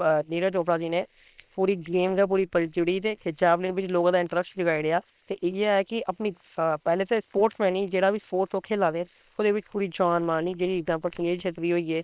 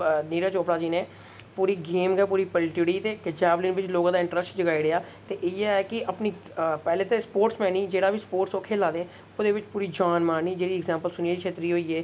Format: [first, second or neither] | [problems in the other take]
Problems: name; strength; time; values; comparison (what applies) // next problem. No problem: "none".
second | noise reduction (neural separator model SepFormer WHAM!)